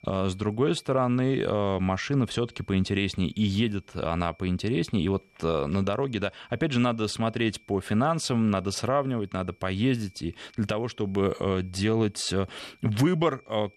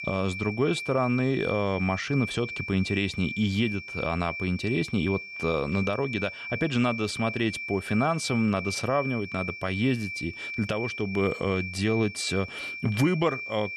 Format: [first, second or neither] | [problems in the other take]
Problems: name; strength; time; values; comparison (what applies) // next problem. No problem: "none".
first | high-pitched whine; loud; throughout; 2.5 kHz, 7 dB below the speech; faint in the first